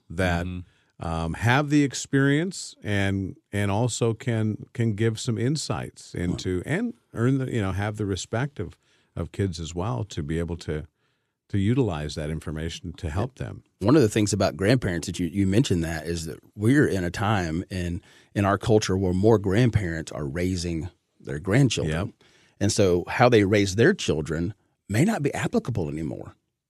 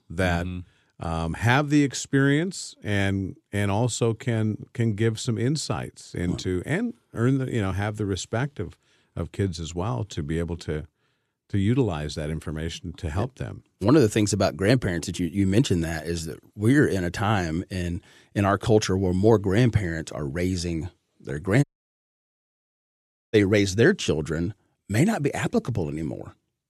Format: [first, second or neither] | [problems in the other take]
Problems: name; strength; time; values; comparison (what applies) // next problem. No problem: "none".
first | audio cutting out; at 22 s for 1.5 s